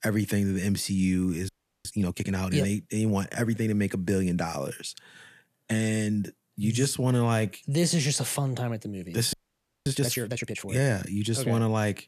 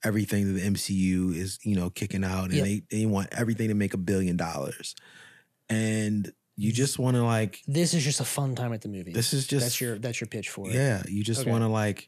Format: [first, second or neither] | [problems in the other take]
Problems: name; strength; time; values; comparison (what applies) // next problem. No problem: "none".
second | audio freezing; at 1.5 s and at 9.5 s for 0.5 s